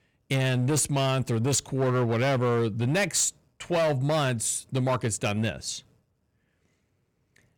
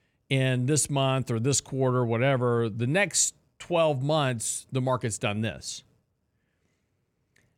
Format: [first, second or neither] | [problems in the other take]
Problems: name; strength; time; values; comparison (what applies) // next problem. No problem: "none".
second | distortion; slight; 13% of the sound clipped